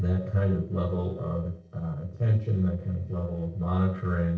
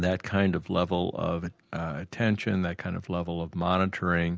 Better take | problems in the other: second | noise reduction (neural separator model SepFormer DNS4)

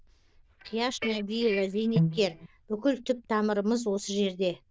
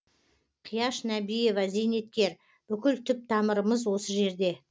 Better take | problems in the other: second | noise reduction (neural diffusion model UNIVERSE++)

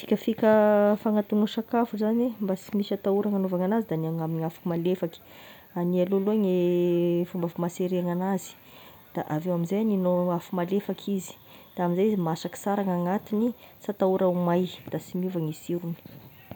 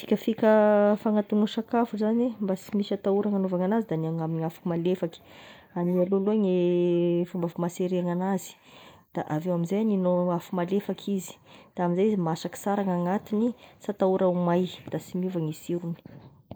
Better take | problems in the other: first | noise reduction (neural mask model Resemble Enhance denoiser)

